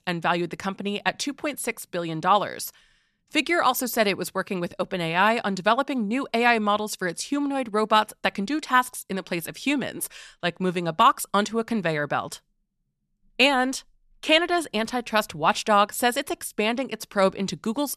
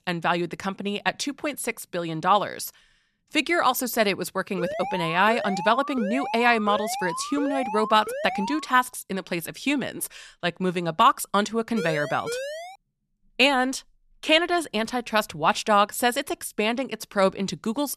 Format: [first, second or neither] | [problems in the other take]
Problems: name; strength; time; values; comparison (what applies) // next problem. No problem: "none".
first | alarm; noticeable; from 4.5 to 8.5 s; peak 7 dB below the speech // siren; noticeable; at 12 s; peak 7 dB below the speech